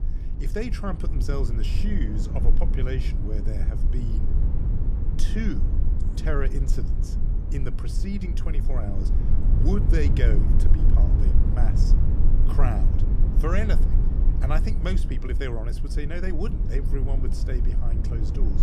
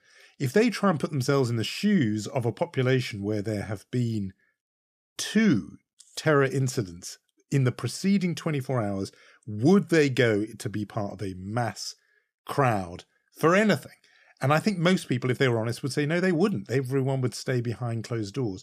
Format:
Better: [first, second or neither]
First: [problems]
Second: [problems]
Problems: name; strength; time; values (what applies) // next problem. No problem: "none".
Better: second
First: low rumble; loud; throughout; 5 dB below the speech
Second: none